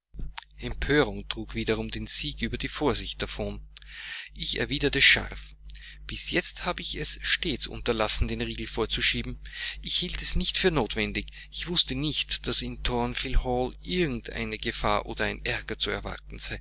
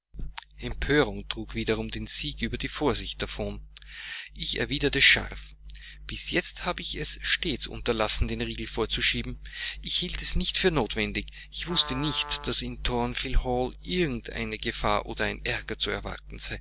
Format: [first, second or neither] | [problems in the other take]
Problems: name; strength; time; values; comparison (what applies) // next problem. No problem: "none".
first | background sound (Trumpet); 15 dB below the speech